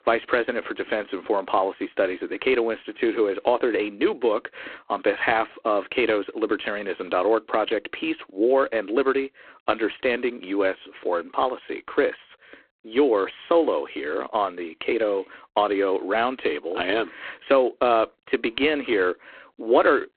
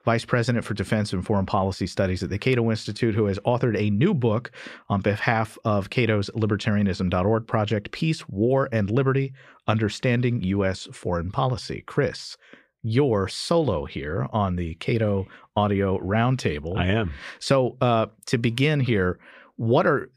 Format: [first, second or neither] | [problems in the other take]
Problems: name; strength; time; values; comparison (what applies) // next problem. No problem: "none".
second | phone-call audio; poor line